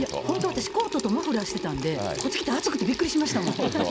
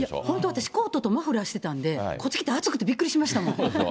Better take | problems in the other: second | background sound (Sink (filling or washing) / Water tap, faucet); 8 dB below the speech

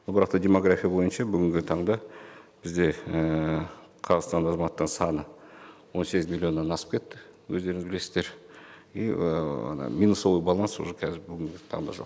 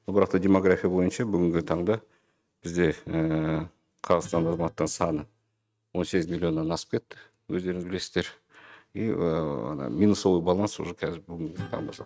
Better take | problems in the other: first | noise reduction (neural mask model RNNoise)

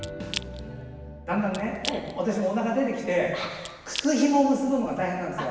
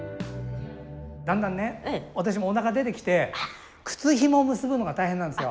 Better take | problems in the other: second | background sound (Crack / Crushing); 14 dB below the speech // room echo; dies away in 1.3 s

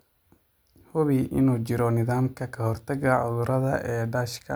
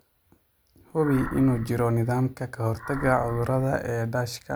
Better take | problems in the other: first | background sound (Animal); 14 dB below the speech

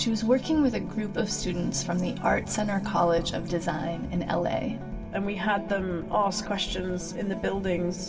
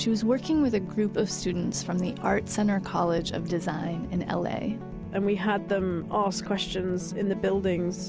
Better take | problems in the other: second | room echo; dies away in 1.6 s

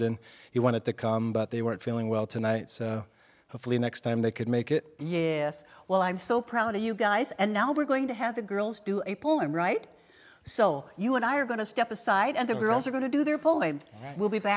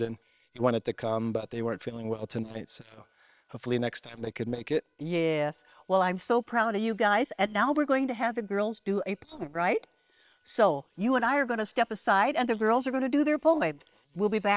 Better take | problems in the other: first | noise reduction (neural separator model SepFormer WHAM!)

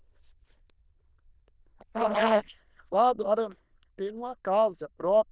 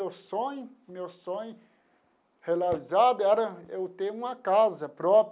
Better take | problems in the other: second | noise reduction (neural diffusion model UNIVERSE++)

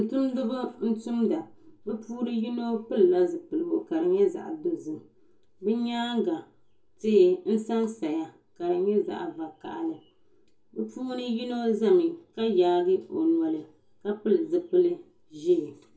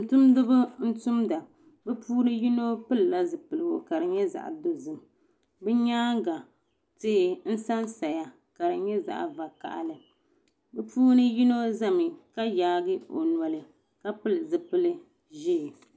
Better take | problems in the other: second | room echo; dies away in 0.2 s

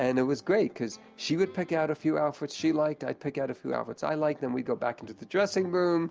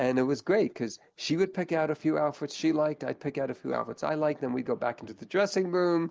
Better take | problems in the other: first | noise reduction (neural mask model Resemble Enhance denoiser)

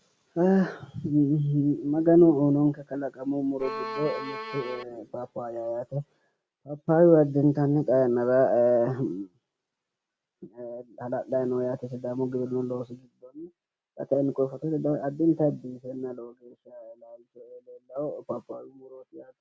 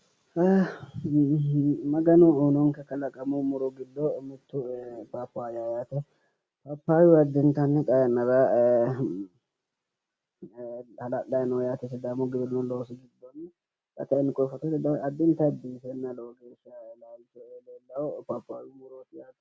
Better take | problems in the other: second | background sound (Bowed string instrument); 8 dB below the speech

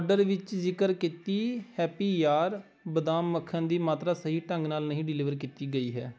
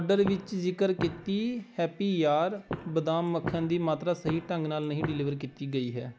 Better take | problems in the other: first | background sound (Walk, footsteps); 11 dB below the speech

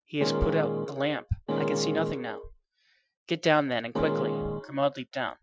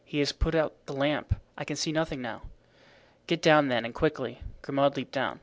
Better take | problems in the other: second | noise reduction (classical method Wiener filter)

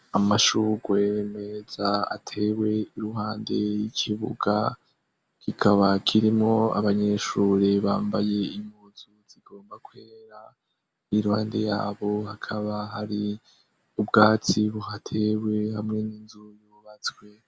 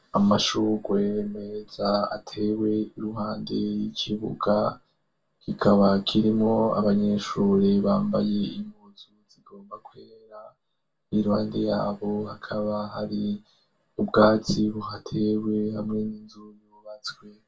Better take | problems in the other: first | room echo; dies away in 0.1 s

